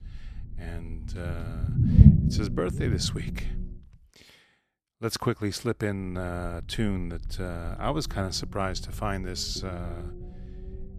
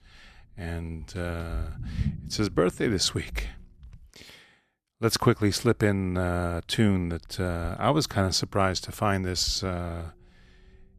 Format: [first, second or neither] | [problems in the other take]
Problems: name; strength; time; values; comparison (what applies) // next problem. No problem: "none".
second | low rumble; loud; until 3.5 s and from 6 s on; 2 dB below the speech; faint in the second